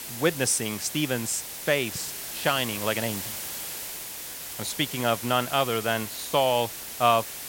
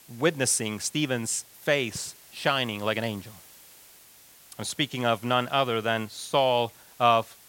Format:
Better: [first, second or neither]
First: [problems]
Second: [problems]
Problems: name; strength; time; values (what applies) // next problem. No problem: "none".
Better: second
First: hiss; loud; throughout; 7 dB below the speech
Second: hiss; faint; throughout; 25 dB below the speech